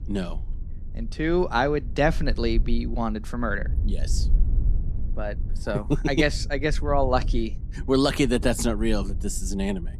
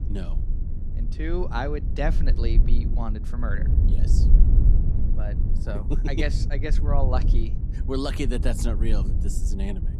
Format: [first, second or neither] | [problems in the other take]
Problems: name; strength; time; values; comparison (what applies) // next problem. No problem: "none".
first | low rumble; loud; throughout; 9 dB below the speech; faint in the first